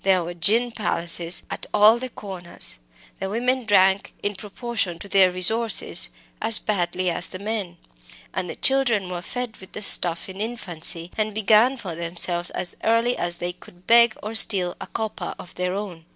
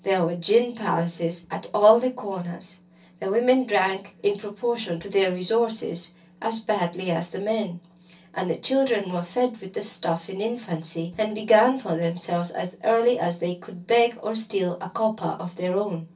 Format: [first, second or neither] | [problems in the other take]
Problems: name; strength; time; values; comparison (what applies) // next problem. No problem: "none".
first | room echo; dies away in 0.3 s